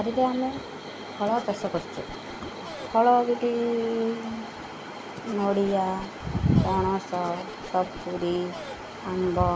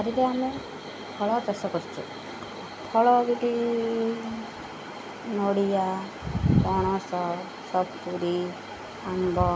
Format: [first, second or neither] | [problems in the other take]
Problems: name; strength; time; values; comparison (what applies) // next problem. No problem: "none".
second | background sound (Scratching (performance technique)); 16 dB below the speech